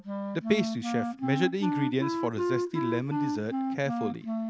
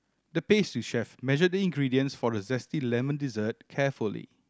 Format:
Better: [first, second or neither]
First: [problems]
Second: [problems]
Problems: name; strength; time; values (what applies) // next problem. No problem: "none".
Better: second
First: background sound (Wind instrument, woodwind instrument); as loud as the speech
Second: none